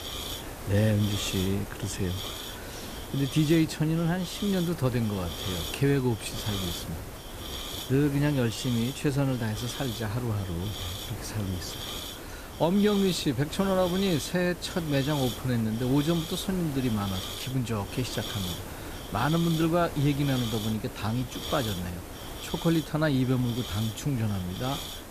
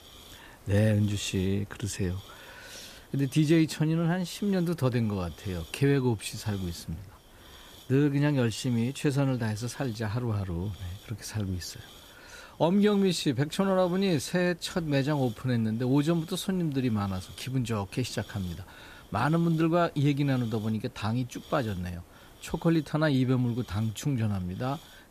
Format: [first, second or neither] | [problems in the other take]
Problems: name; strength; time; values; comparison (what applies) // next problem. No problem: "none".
second | hiss; loud; throughout; 8 dB below the speech; faint in the second